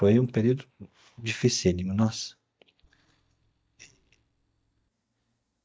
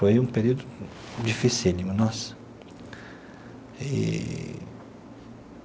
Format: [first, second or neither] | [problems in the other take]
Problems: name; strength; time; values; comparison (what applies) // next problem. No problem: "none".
second | noise reduction (neural mask model DeepFilterNet 3)